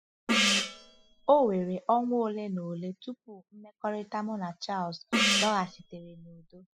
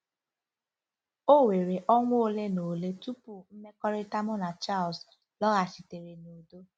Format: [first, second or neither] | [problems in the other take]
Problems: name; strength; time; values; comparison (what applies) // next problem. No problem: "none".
second | noise reduction (classical method spectral subtraction)